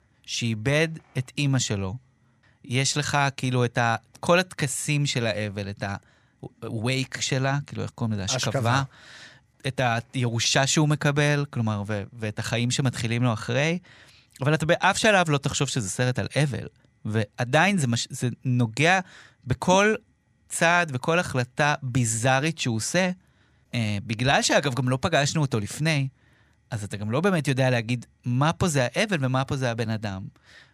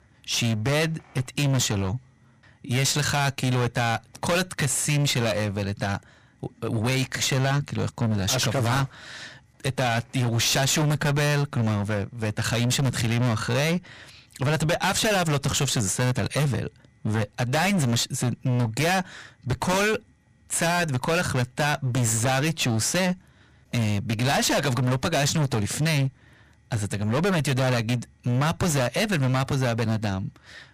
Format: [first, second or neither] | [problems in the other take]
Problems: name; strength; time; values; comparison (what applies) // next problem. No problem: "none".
first | distortion; heavy; 27% of the sound clipped